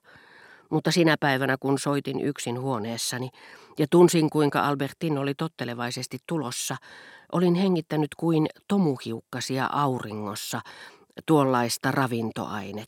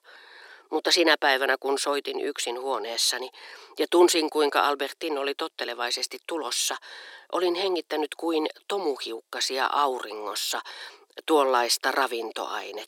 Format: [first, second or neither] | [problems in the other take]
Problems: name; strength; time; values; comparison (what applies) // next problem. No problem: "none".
first | thin; very; fading below 350 Hz